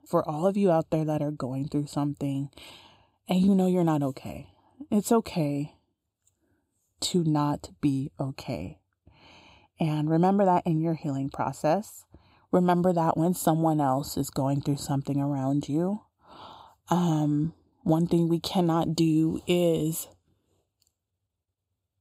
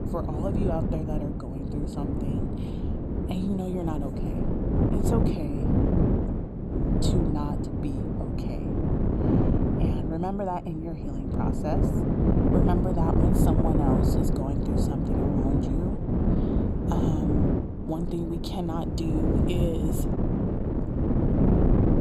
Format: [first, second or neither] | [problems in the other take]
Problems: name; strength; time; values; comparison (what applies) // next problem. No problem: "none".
first | wind noise on the microphone; heavy; 3 dB above the speech